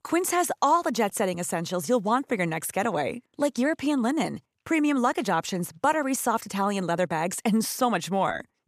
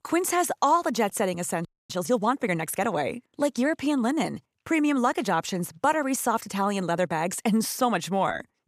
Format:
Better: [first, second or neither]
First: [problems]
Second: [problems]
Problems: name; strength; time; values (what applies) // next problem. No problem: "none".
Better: first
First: none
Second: audio freezing; at 1.5 s